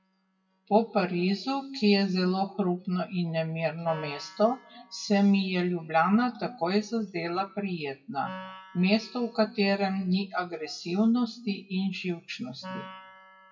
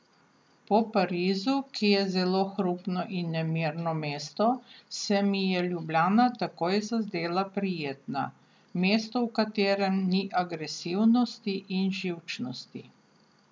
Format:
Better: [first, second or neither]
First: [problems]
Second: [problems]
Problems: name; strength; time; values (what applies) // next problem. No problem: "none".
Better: second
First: noise reduction (classical method WPE with log-MMSE)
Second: none